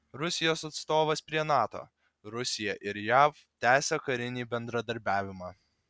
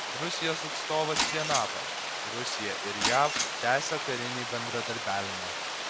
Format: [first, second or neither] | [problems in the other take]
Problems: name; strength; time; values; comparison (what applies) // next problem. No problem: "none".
first | background sound (Shatter + Water); as loud as the speech